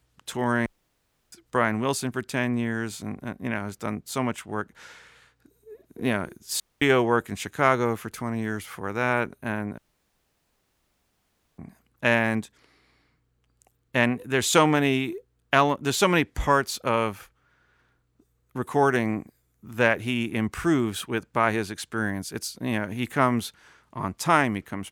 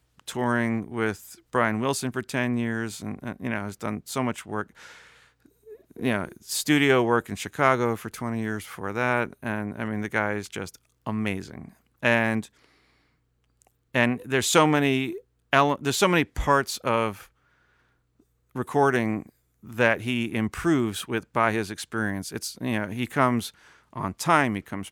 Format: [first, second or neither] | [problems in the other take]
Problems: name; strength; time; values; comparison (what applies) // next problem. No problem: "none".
second | audio cutting out; at 0.5 s for 0.5 s, at 6.5 s and at 10 s for 2 s